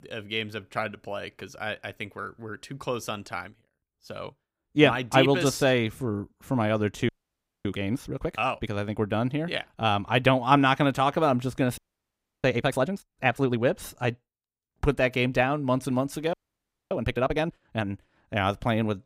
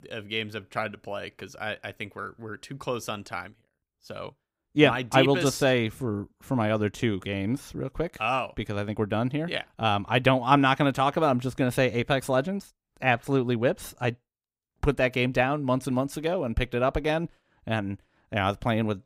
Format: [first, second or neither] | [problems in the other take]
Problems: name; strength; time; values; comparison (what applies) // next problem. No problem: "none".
second | audio freezing; at 7 s for 0.5 s, at 12 s for 0.5 s and at 16 s for 0.5 s